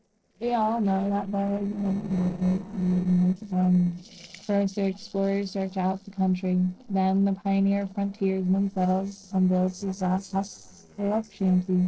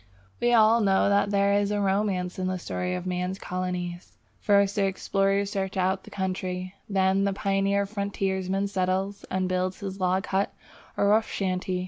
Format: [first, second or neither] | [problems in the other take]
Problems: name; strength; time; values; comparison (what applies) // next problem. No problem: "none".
second | noise reduction (neural separator model SepFormer DNS4)